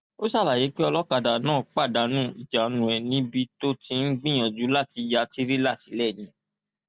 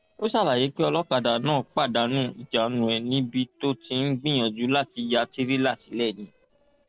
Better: first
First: none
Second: noise reduction (neural separator model SepFormer DNS4)

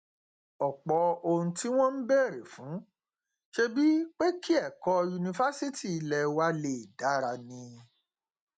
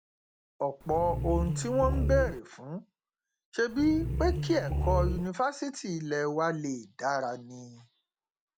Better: first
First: none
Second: background sound (Growling); 1 dB above the speech

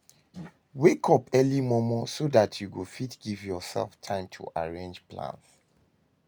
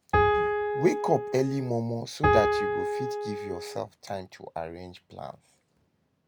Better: first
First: none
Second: background sound (Piano); 5 dB above the speech

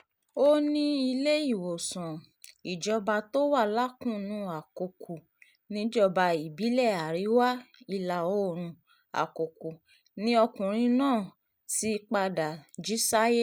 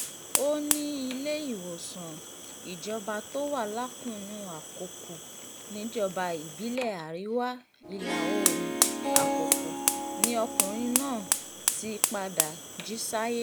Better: first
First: none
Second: background sound (Fire + Harp); 2 dB above the speech

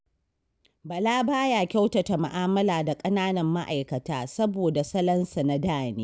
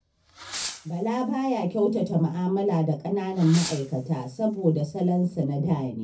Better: first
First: none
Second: background sound (Fireworks); 17 dB below the speech // room echo; dies away in 0.3 s

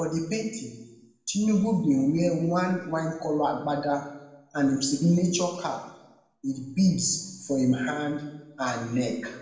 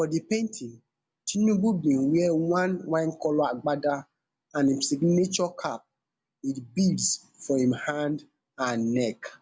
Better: second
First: room echo; dies away in 0.9 s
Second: none

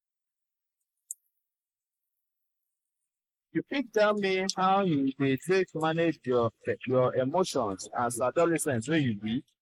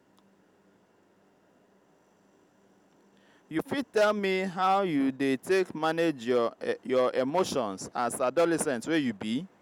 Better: second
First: noise reduction (neural mask model Resemble Enhance denoiser)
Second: none

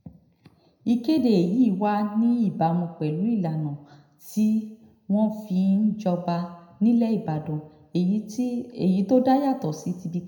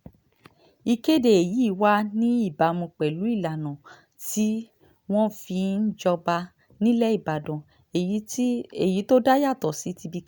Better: second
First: room echo; dies away in 0.8 s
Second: none

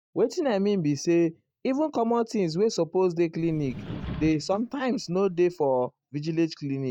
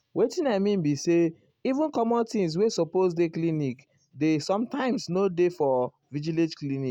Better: second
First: noise reduction (neural mask model DeepFilterNet 3)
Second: none

